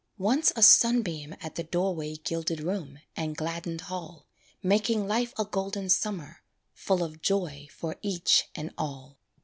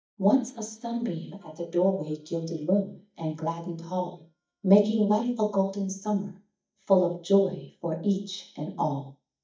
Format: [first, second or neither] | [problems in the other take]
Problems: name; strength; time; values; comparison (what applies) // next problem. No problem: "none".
first | noise reduction (neural mask model DeepFilterNet 3)